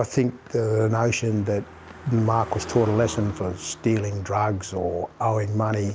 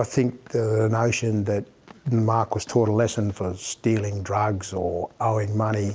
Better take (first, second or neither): second